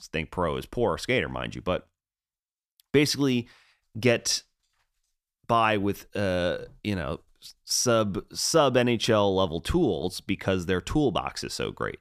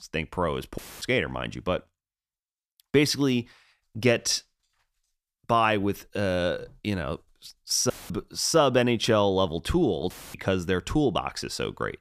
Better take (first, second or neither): first